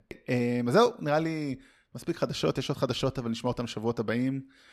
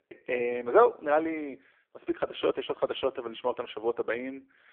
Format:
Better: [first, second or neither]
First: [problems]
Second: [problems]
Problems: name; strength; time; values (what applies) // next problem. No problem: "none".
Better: first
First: none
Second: phone-call audio; poor line; nothing above 3.5 kHz